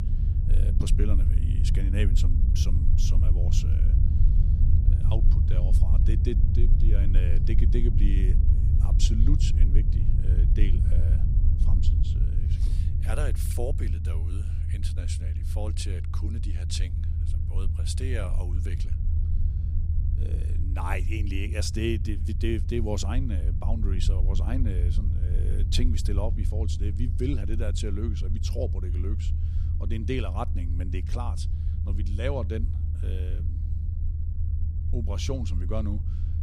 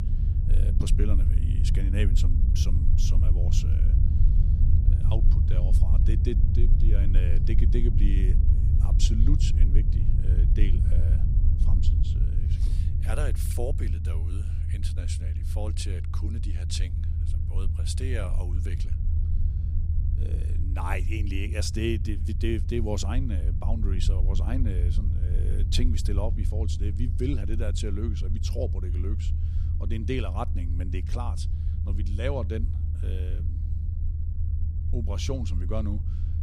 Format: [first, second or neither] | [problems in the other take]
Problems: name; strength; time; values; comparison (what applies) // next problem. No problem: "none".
neither | low rumble; loud; throughout; 6 dB below the speech; the same in both